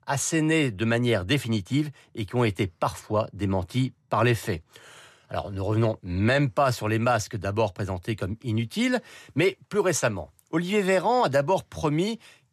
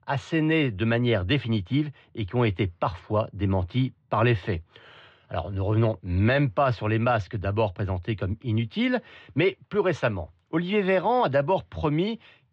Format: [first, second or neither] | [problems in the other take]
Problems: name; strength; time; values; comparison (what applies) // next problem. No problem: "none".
first | muffled; slightly; fading above 3.5 kHz